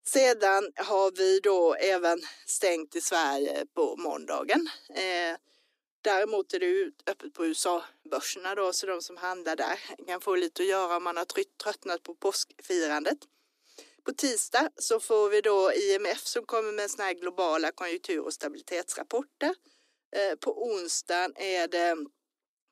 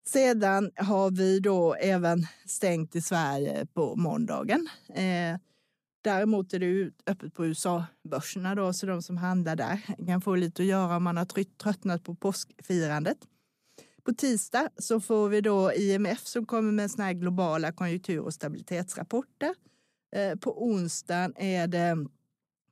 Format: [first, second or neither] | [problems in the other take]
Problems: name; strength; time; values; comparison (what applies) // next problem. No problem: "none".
second | thin; very; fading below 300 Hz